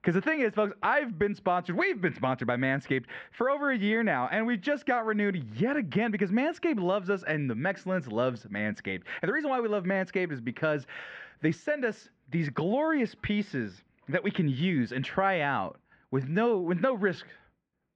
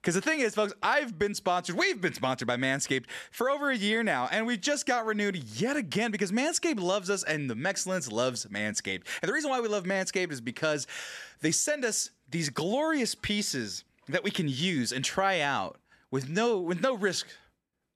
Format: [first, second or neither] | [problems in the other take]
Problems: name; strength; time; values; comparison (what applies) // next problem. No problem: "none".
second | muffled; very; fading above 2.5 kHz